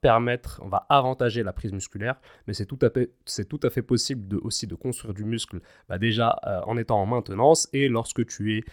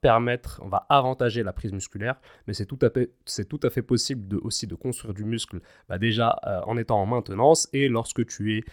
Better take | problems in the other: neither | none

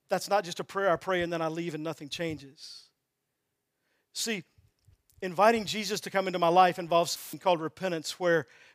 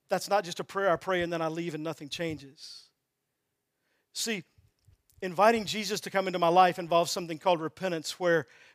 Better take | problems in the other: second | audio cutting out; filled with static; at 7 s

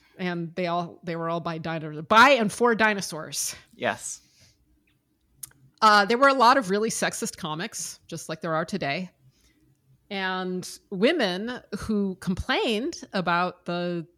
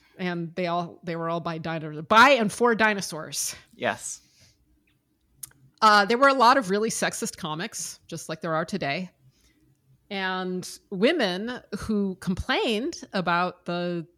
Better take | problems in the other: neither | none

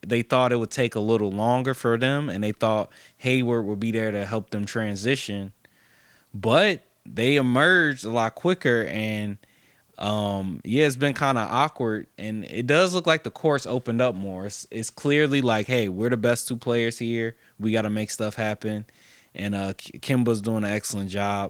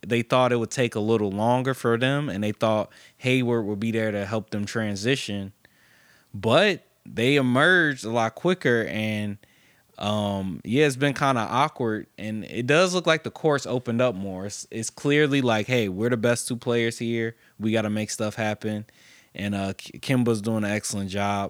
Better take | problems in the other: second | garbled, watery; slightly; nothing above 19 kHz

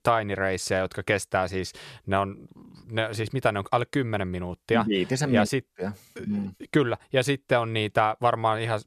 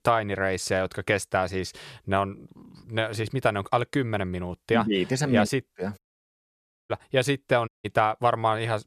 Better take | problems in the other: first | audio cutting out; at 6 s for 1 s and at 7.5 s

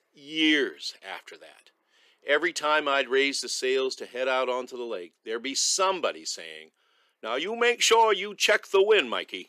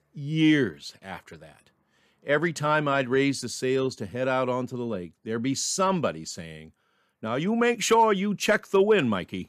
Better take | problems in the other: second | thin; somewhat; fading below 350 Hz

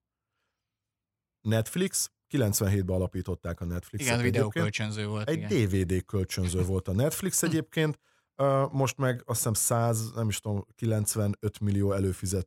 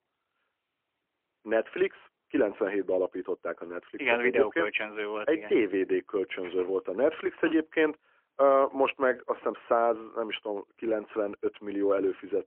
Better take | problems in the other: first | phone-call audio; poor line; nothing above 3 kHz

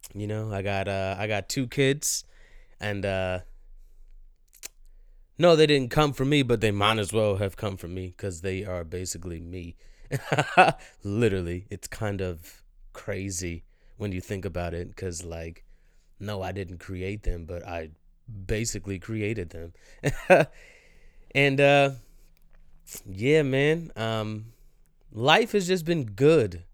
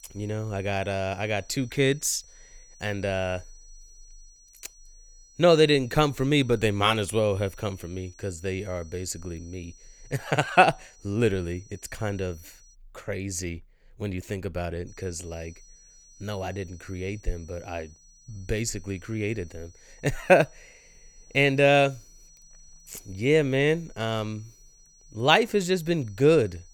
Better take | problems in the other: first | high-pitched whine; faint; until 13 s and from 15 s on; 6 kHz, 25 dB below the speech

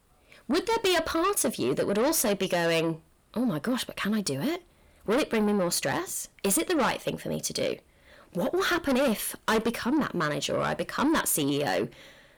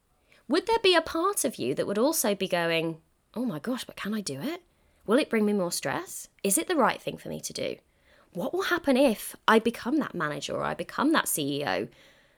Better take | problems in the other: second | distortion; heavy; 7 dB below the speech

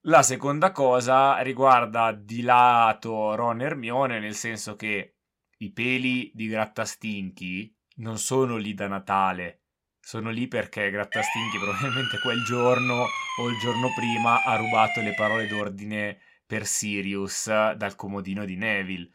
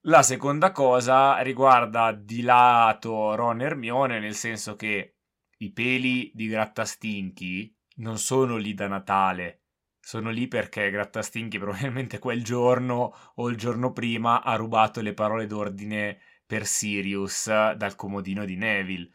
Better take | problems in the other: second | siren; loud; from 11 to 16 s; peak 1 dB above the speech

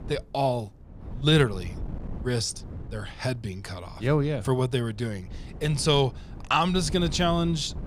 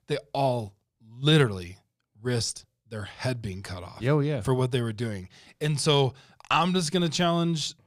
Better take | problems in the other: second | wind noise on the microphone; occasional gusts; 20 dB below the speech

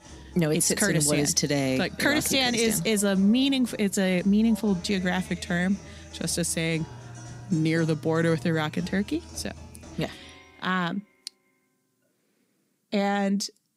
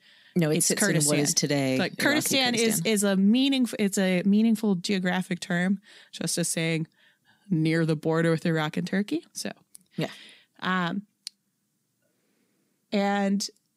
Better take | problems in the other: second | background music; noticeable; throughout; 20 dB below the speech

